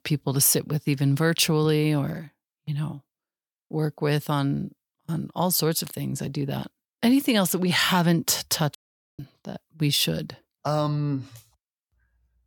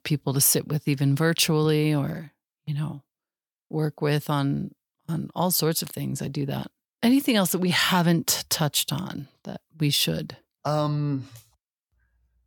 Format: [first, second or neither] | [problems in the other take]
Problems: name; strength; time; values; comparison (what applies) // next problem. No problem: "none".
second | audio cutting out; at 9 s